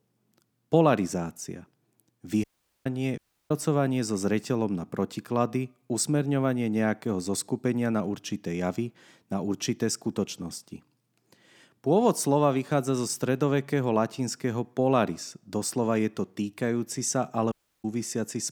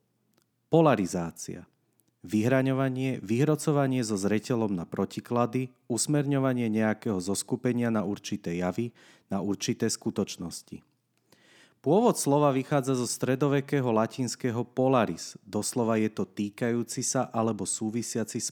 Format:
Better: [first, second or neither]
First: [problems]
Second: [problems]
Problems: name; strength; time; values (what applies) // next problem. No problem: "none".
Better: second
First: audio cutting out; at 2.5 s, at 3 s and at 18 s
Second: none